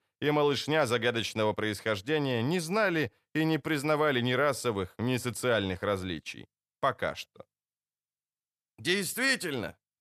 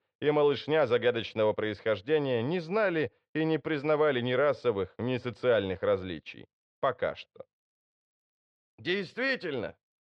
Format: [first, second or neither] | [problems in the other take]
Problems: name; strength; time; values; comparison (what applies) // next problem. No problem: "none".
first | muffled; slightly; fading above 4 kHz